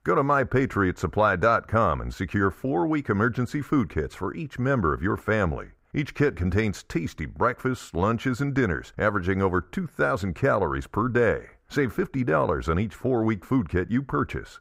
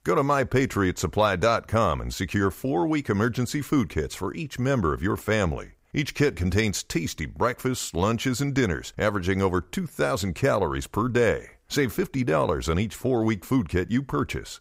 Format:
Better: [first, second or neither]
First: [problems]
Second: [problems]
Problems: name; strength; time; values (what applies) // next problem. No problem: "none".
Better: second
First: muffled; slightly; fading above 2.5 kHz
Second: none